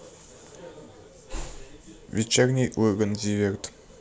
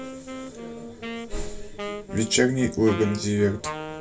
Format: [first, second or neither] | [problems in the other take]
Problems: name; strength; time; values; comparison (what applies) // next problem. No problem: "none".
first | background sound (Wind instrument, woodwind instrument); 10 dB below the speech // room echo; dies away in 0.1 s